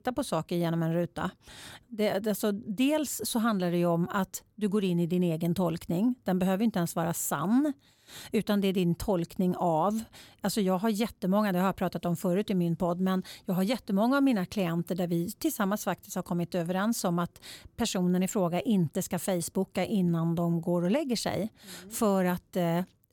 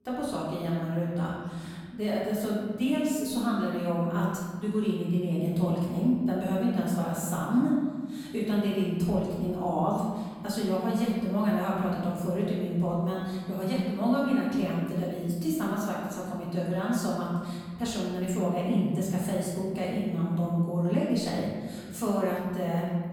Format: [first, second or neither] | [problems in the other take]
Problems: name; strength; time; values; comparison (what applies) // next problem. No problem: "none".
first | room echo; noticeable; dies away in 1.8 s // off-mic speech; far